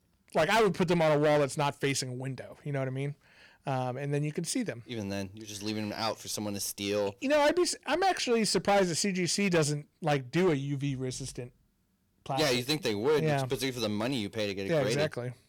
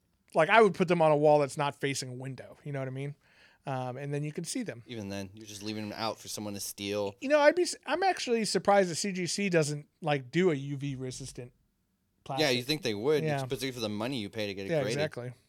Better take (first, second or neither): second